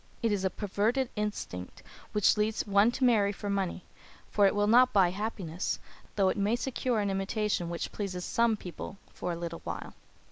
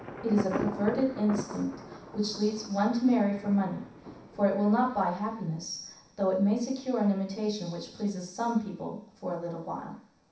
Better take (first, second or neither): first